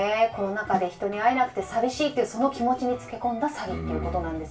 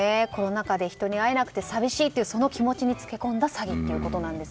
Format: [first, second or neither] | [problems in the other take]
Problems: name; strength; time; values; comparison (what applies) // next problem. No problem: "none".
second | background sound (Snare drum); 18 dB below the speech // room echo; dies away in 0.3 s